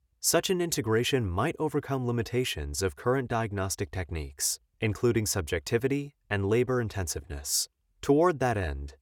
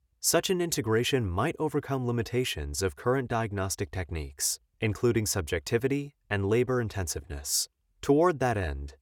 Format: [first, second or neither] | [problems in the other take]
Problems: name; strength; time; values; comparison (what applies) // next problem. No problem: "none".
neither | none